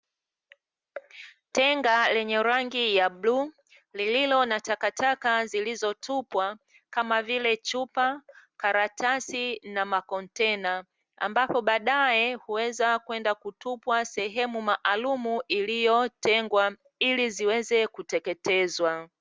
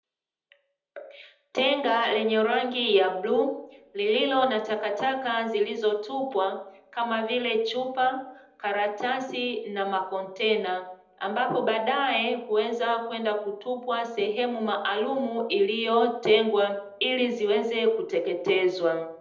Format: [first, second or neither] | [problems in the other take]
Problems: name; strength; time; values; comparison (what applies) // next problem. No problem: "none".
first | room echo; dies away in 0.8 s